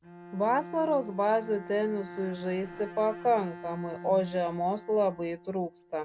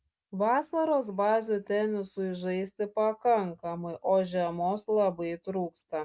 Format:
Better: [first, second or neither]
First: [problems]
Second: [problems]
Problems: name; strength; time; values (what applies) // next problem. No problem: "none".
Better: second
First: background sound (Bowed string instrument); 15 dB below the speech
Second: none